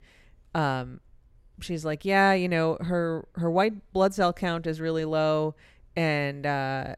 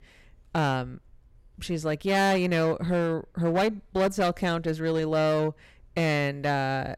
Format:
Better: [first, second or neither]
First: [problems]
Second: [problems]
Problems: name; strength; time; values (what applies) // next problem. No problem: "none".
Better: first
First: none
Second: distortion; slight; 9% of the sound clipped